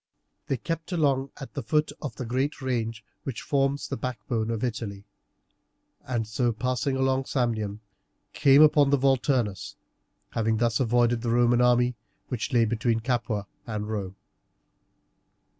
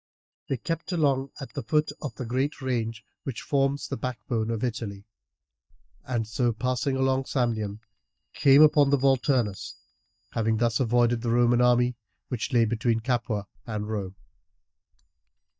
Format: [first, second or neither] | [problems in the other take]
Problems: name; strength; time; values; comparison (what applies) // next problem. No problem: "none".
first | noise reduction (neural mask model DeepFilterNet 3)